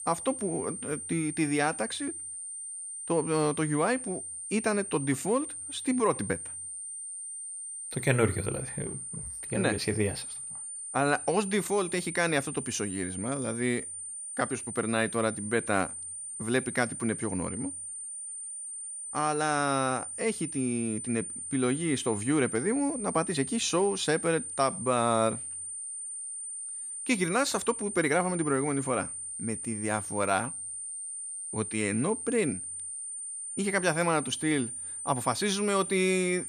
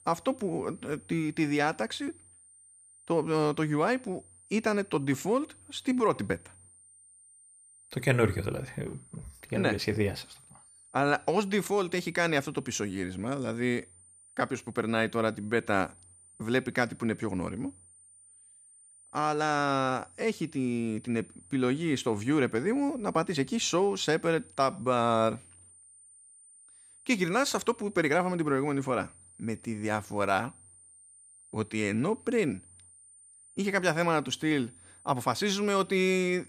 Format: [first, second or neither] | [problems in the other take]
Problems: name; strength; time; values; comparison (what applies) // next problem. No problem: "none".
second | high-pitched whine; loud; throughout; 9 kHz, 6 dB below the speech; faint in the second